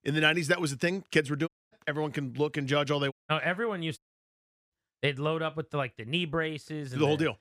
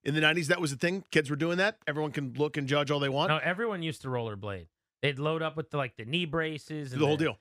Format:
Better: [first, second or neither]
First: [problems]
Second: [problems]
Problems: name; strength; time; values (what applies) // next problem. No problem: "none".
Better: second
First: audio cutting out; at 1.5 s, at 3 s and at 4 s for 0.5 s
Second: none